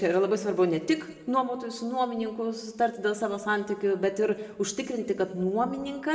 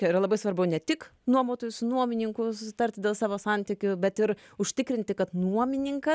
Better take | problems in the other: second | room echo; dies away in 1 s

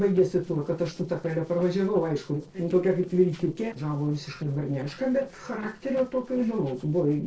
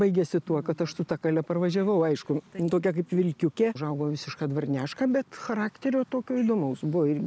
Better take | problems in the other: second | noise reduction (neural separator model SepFormer DNS4)

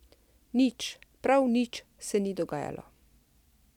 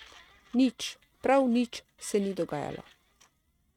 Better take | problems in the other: first | noise reduction (neural mask model RNNoise)

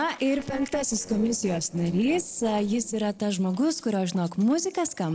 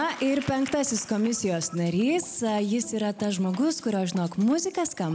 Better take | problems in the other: second | noise reduction (neural separator model SepFormer DNS4)

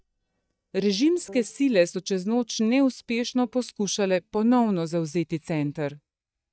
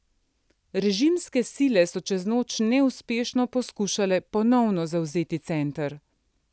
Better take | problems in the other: second | noise reduction (neural mask model DeepFilterNet 3)

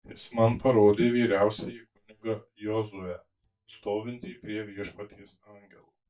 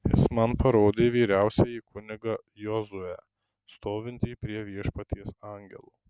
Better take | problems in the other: second | noise reduction (neural mask model DeepFilterNet 3)

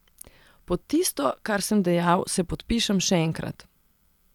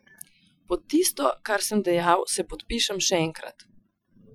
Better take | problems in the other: first | noise reduction (classical method Wiener filter)

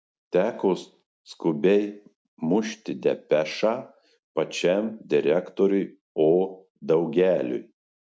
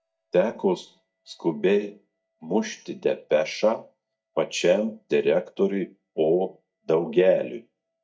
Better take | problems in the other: first | noise reduction (neural mask model DeepFilterNet 3)

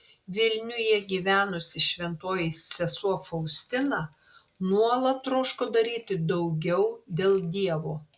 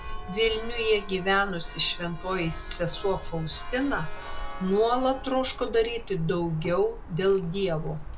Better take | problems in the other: first | background sound (Church bell); 8 dB below the speech

